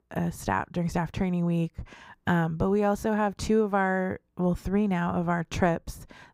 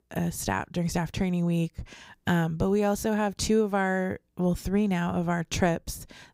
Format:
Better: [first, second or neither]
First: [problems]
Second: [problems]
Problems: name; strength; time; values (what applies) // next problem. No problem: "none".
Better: second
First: muffled; slightly; fading above 3 kHz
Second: none